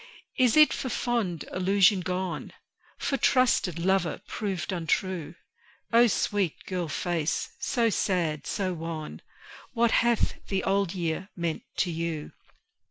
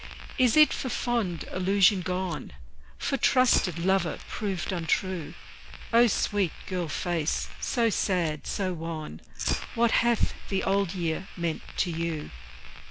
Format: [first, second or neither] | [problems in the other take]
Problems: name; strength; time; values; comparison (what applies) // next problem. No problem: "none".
first | background sound (Fire); 9 dB below the speech